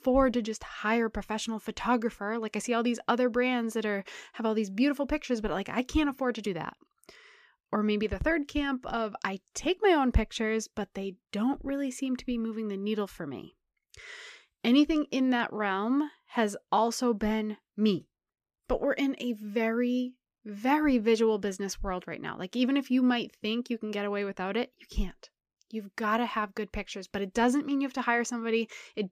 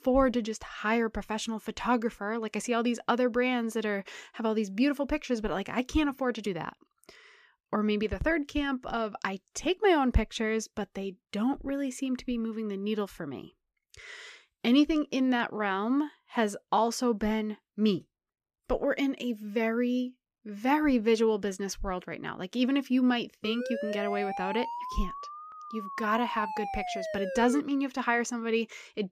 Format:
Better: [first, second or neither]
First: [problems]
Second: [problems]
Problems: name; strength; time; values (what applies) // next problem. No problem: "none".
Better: first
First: none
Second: siren; noticeable; from 23 to 28 s; peak 5 dB below the speech